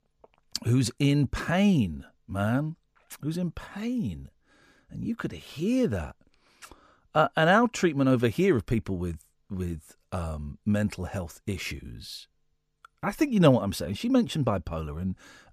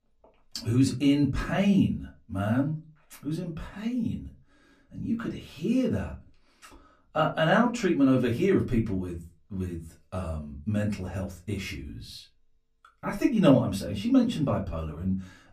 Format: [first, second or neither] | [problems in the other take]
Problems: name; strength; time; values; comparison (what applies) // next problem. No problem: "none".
first | off-mic speech; far // room echo; very slight; dies away in 0.2 s